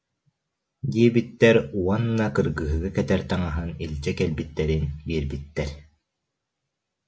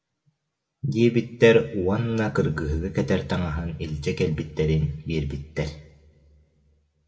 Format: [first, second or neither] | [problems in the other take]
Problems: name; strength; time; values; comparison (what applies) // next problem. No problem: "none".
first | room echo; dies away in 0.9 s